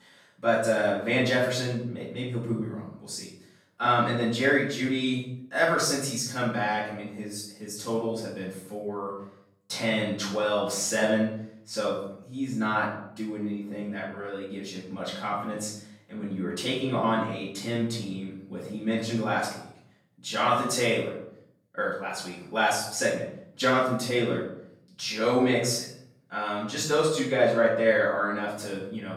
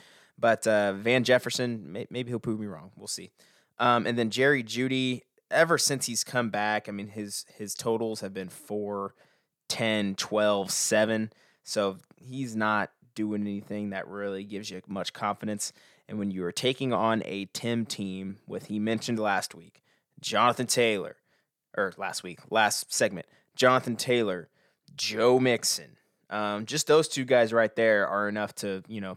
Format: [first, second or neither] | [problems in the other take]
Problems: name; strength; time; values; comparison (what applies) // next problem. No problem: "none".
second | off-mic speech; far // room echo; noticeable; dies away in 0.6 s